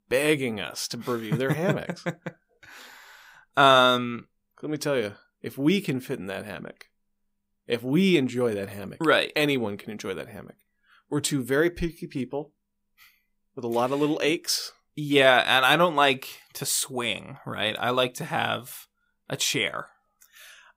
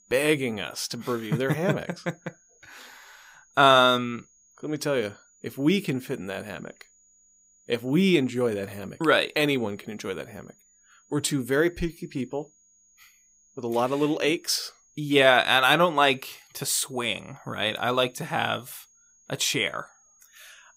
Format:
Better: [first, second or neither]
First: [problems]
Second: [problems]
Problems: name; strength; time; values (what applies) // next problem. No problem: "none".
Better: first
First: none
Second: high-pitched whine; faint; throughout; 7 kHz, 35 dB below the speech